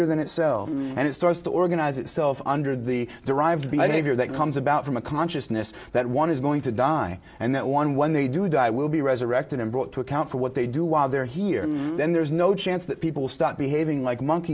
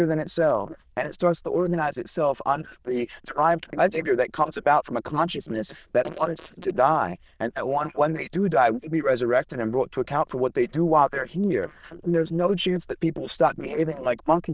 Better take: first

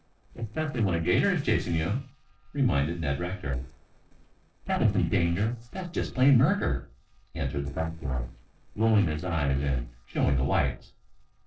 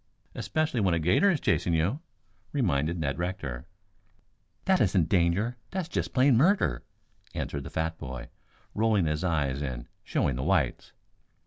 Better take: second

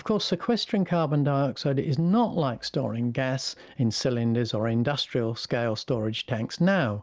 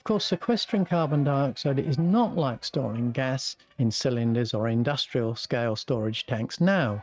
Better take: first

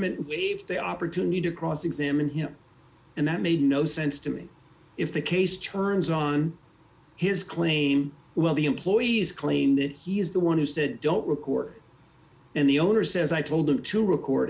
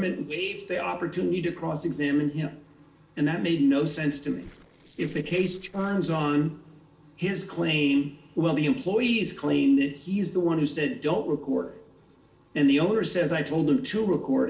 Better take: first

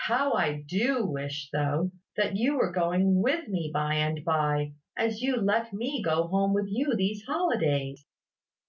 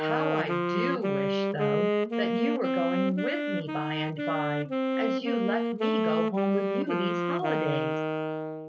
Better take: first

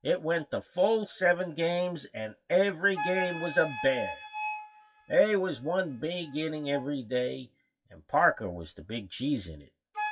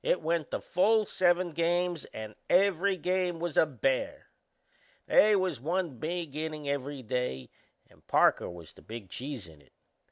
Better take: second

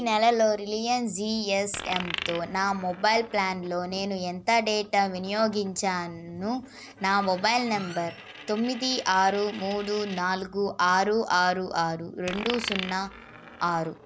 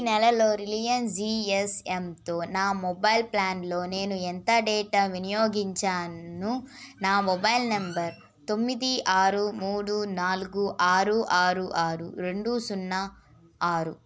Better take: second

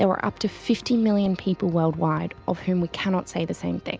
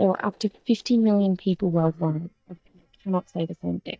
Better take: first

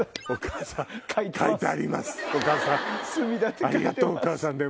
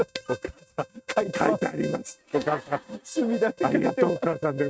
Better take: first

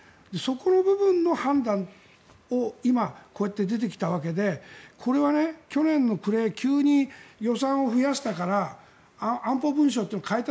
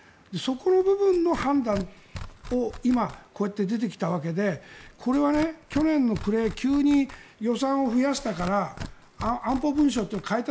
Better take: first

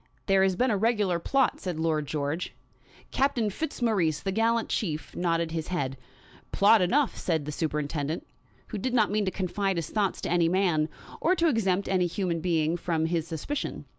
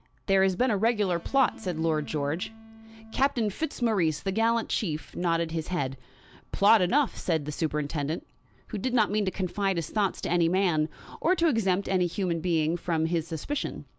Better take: first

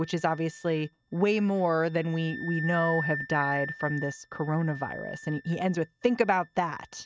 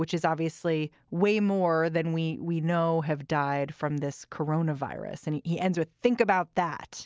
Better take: second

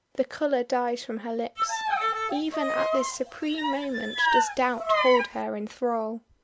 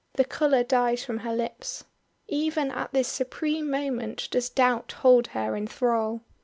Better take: second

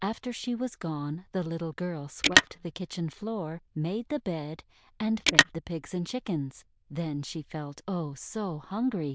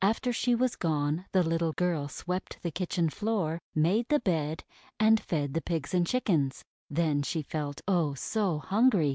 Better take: second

